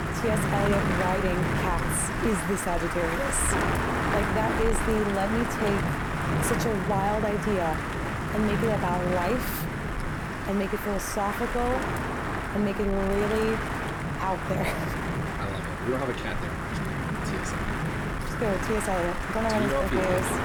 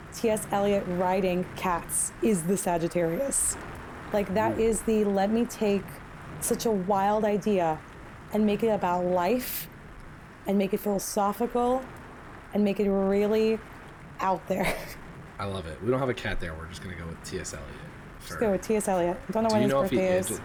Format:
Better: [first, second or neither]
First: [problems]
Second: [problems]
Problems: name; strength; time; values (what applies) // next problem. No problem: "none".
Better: second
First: wind noise on the microphone; heavy; as loud as the speech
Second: wind noise on the microphone; occasional gusts; 15 dB below the speech